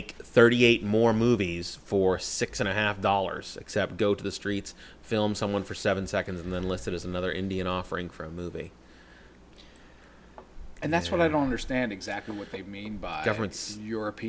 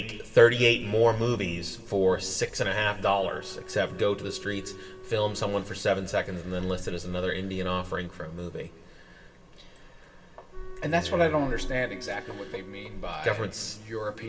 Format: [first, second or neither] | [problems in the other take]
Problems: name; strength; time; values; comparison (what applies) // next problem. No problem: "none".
first | background sound (Wind instrument, woodwind instrument); 19 dB below the speech // room echo; dies away in 2 s